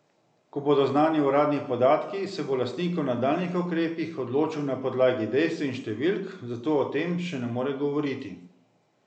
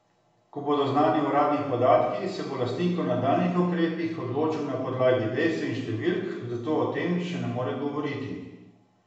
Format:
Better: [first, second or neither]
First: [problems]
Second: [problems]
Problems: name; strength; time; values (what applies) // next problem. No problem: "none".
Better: first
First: none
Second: room echo; dies away in 1 s